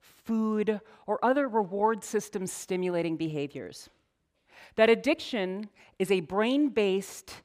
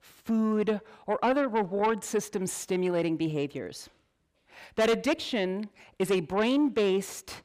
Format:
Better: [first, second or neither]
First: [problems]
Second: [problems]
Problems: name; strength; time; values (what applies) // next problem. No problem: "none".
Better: first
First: none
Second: distortion; slight; 10 dB below the speech